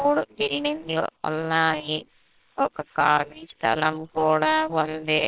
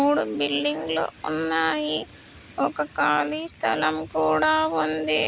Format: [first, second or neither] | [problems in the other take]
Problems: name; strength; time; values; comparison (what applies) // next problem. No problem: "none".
second | noise reduction (neural separator model SepFormer WHAMR!)